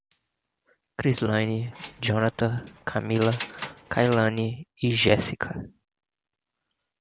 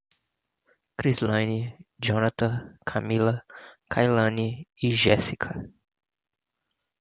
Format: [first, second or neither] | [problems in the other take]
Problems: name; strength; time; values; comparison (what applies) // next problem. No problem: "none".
second | background sound (Keys jangling); 16 dB below the speech